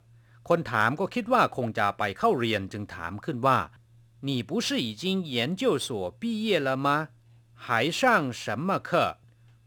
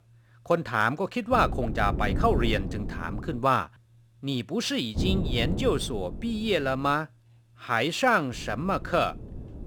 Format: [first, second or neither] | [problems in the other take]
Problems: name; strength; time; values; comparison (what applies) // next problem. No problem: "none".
first | wind noise on the microphone; occasional gusts; from 1.5 to 3.5 s, from 5 to 7 s and from 8.5 s on; 15 dB below the speech